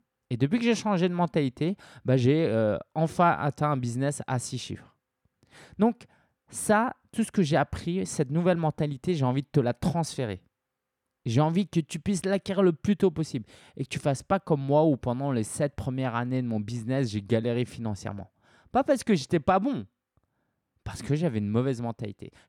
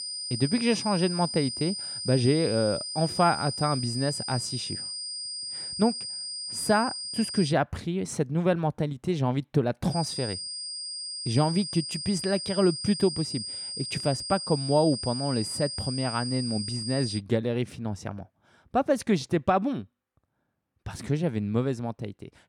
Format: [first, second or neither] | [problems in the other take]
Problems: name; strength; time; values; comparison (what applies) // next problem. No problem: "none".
first | high-pitched whine; loud; until 7.5 s and from 10 to 17 s; 5 kHz, 5 dB below the speech